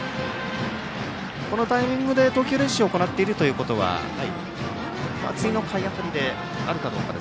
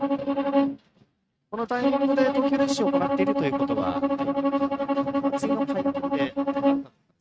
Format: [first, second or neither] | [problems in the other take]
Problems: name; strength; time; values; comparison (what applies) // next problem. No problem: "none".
first | noise reduction (neural mask model RNNoise)